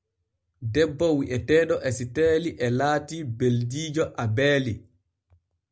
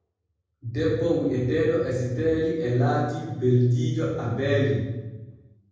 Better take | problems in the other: first | room echo; dies away in 1.3 s

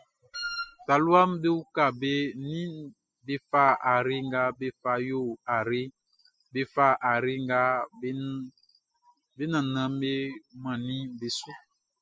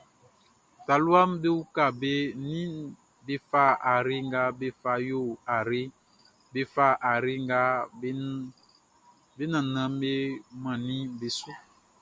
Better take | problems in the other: second | noise reduction (classical method spectral subtraction)

